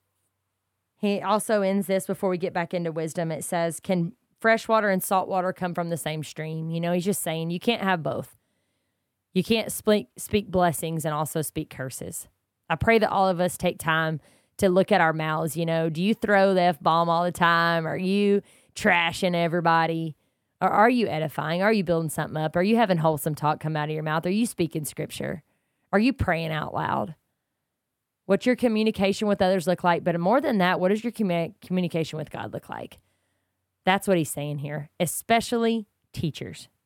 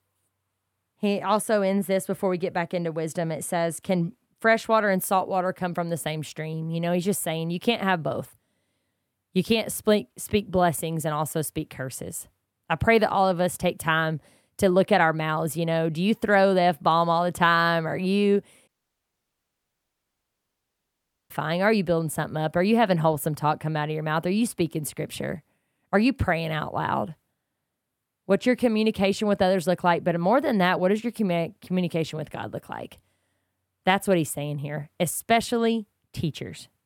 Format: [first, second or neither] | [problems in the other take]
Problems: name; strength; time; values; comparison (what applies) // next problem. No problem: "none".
first | audio cutting out; at 19 s for 2.5 s